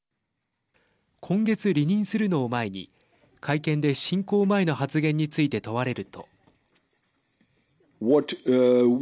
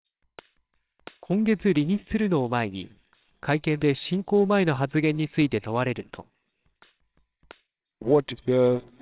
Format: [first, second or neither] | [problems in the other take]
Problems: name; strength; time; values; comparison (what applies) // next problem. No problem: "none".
first | noise reduction (neural separator model SepFormer WHAMR!)